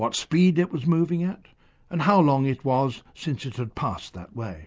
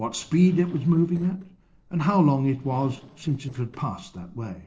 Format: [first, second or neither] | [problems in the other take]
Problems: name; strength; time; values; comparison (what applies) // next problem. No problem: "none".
first | noise reduction (neural separator model SepFormer DNS4)